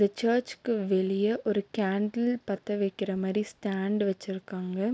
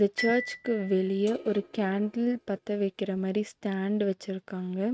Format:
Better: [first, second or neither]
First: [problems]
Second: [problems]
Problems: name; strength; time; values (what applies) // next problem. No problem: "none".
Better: first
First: none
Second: noise reduction (neural mask model RNNoise)